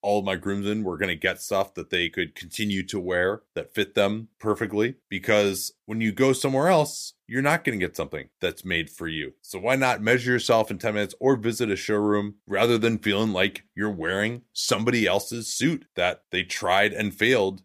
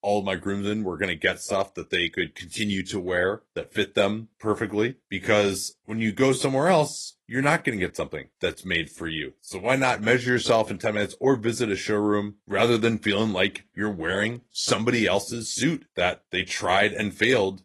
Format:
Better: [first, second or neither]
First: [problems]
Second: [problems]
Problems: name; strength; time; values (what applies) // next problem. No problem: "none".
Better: first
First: none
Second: garbled, watery; slightly; nothing above 11.5 kHz